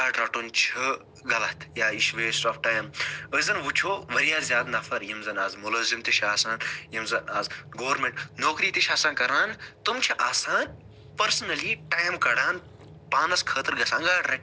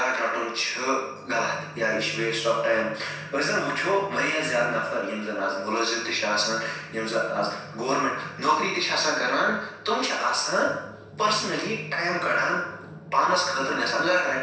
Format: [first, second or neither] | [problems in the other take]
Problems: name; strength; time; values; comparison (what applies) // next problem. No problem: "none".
first | room echo; dies away in 0.7 s